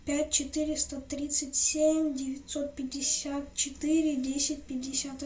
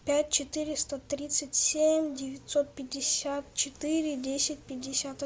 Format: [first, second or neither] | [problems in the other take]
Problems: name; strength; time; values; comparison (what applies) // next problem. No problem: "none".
second | room echo; dies away in 0.2 s